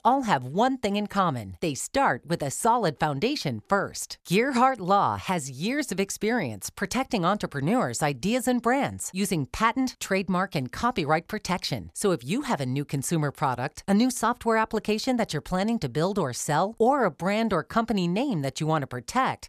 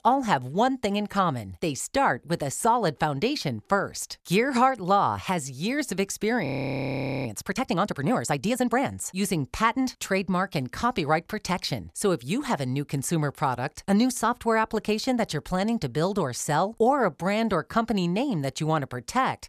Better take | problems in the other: first | audio freezing; at 6.5 s for 1 s

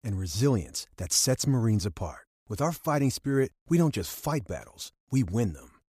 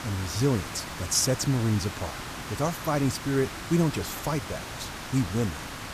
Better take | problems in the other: first | hiss; loud; throughout; 9 dB below the speech

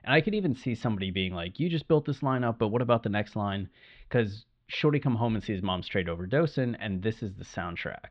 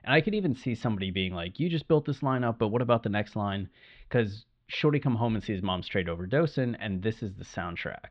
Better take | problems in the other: neither | muffled; very; fading above 3.5 kHz; the same in both

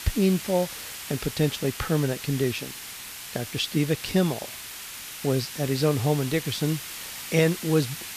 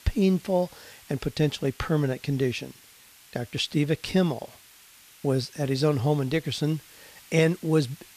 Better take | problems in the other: second | hiss; loud; throughout; 9 dB below the speech; faint in the second

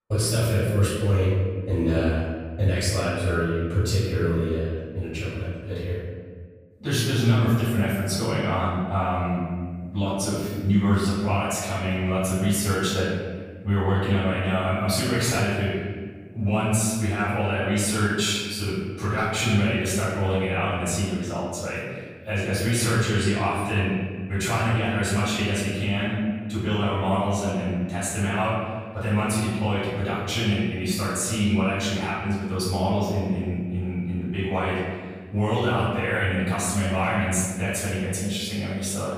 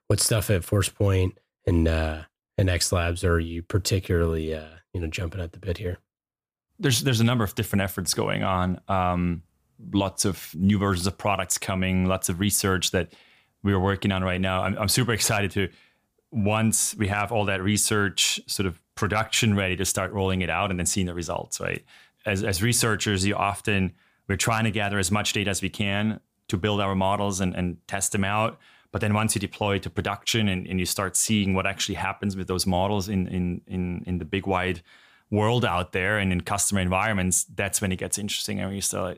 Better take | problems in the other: second | room echo; strong; dies away in 1.5 s // off-mic speech; far

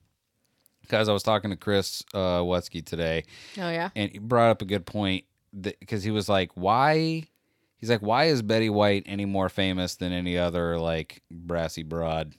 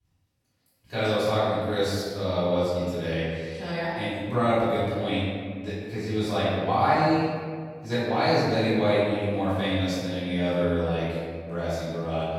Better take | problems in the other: first | off-mic speech; far // room echo; strong; dies away in 1.8 s

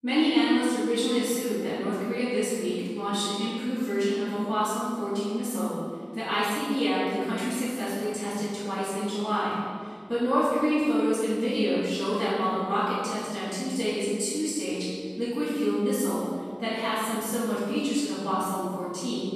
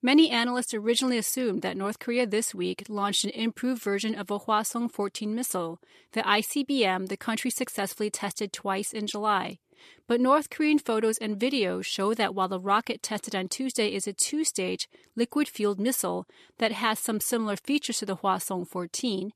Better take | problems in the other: second | room echo; strong; dies away in 1.8 s // off-mic speech; far

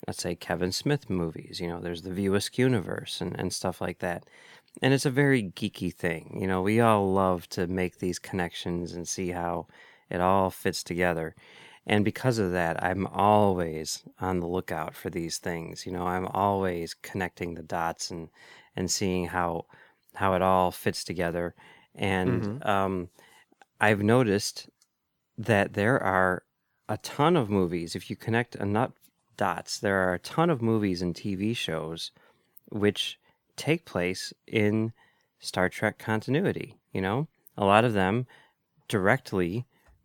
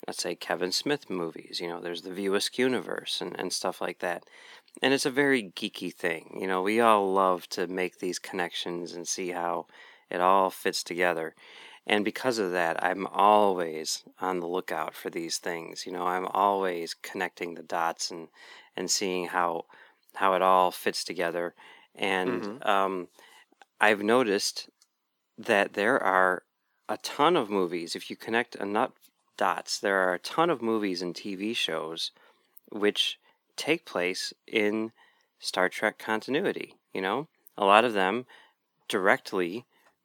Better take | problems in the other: first | thin; somewhat; fading below 250 Hz

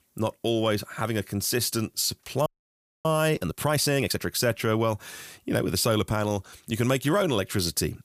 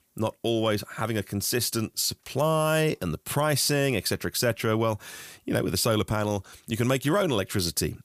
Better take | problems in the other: second | audio freezing; at 2.5 s for 0.5 s

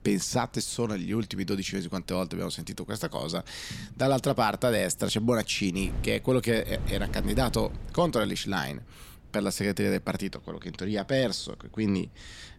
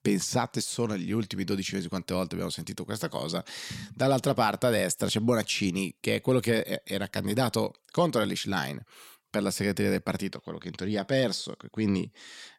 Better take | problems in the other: second | wind noise on the microphone; occasional gusts; 25 dB below the speech

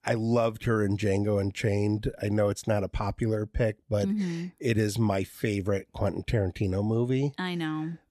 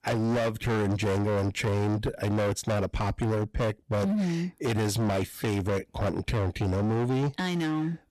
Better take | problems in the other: first | distortion; heavy; 32% of the sound clipped

